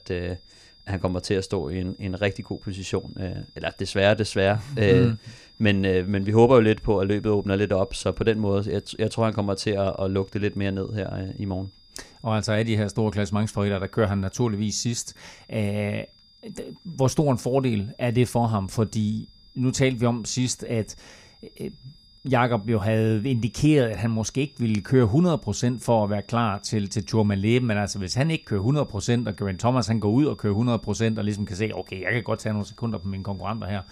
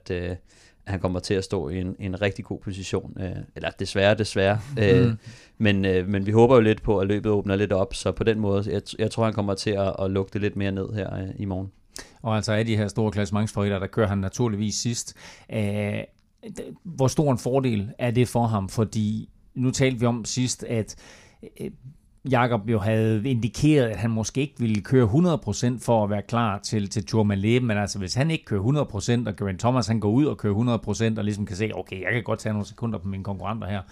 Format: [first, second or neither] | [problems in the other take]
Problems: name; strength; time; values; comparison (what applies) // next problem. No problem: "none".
second | high-pitched whine; faint; throughout; 5 kHz, 25 dB below the speech